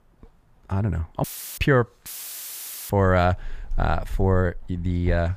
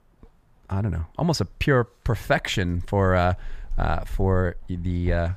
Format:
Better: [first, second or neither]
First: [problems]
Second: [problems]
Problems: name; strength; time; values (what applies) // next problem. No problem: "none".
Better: second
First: audio cutting out; filled with static; at 1 s and at 2 s for 1 s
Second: none